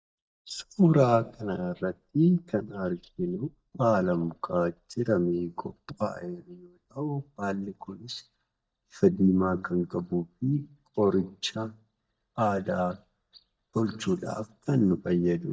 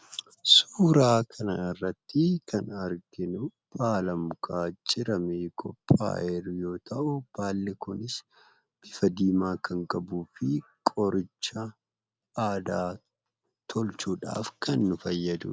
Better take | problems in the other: second | noise reduction (neural mask model DeepFilterNet 3)

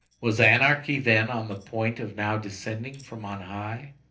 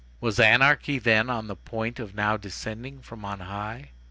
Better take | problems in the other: second | noise reduction (neural separator model SepFormer DNS4)

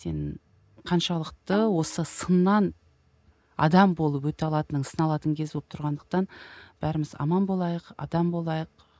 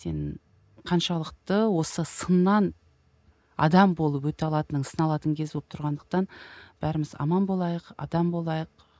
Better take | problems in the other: second | background sound (Tabla); 17 dB below the speech

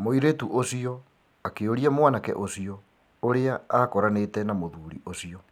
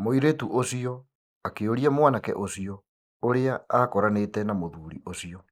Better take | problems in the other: first | noise reduction (neural mask model Resemble Enhance denoiser)

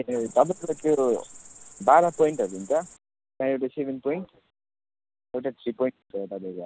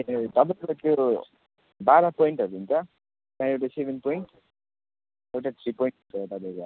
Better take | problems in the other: second | background sound (Cricket); 19 dB below the speech

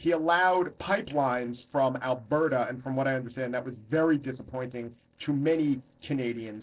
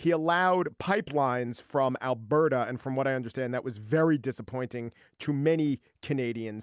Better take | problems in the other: second | noise reduction (neural separator model SepFormer DNS4)

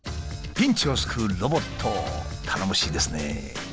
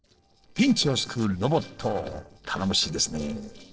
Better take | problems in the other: first | noise reduction (neural separator model SepFormer DNS4)

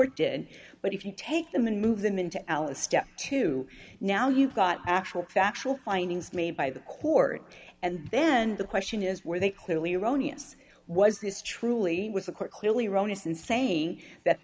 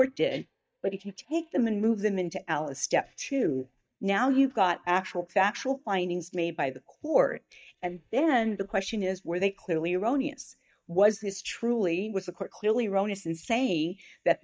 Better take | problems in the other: first | noise reduction (neural mask model DeepFilterNet 3)

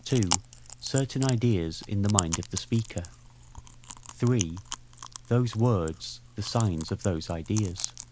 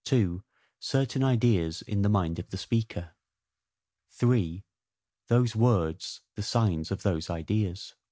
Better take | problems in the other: second | background sound (Chewing, mastication); 9 dB below the speech

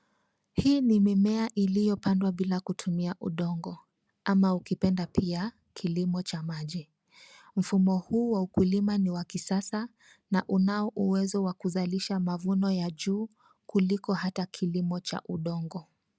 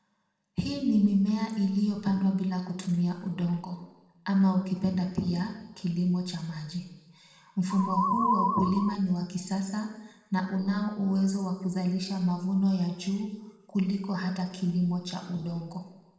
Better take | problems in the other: first | background sound (Musical instrument); 1 dB above the speech // room echo; dies away in 1 s

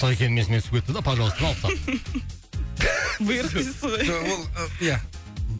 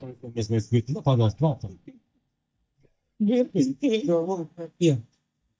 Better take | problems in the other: first | noise reduction (neural mask model DeepFilterNet 3)

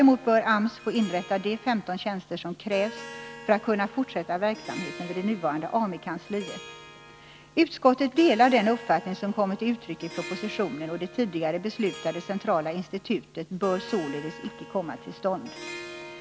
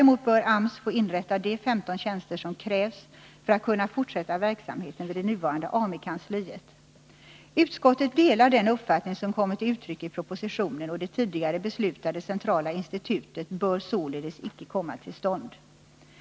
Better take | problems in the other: second | background sound (Harp); 16 dB below the speech

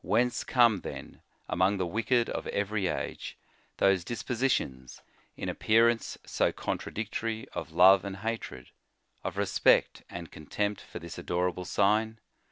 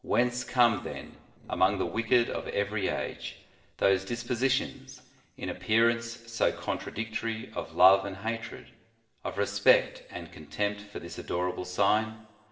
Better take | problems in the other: first | noise reduction (neural separator model SepFormer DNS4)

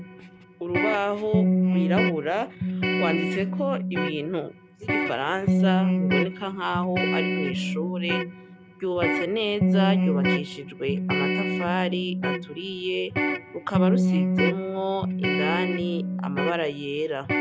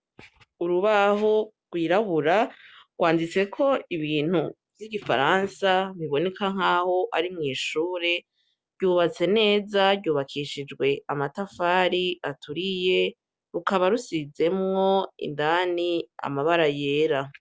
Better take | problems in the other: second | background sound (Electric guitar); 4 dB above the speech

